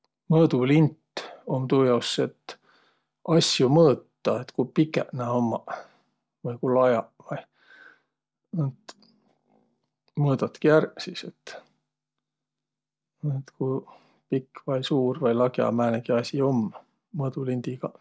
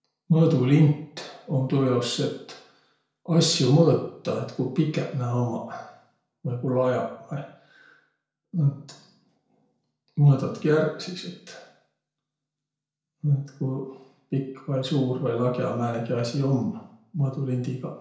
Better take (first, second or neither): first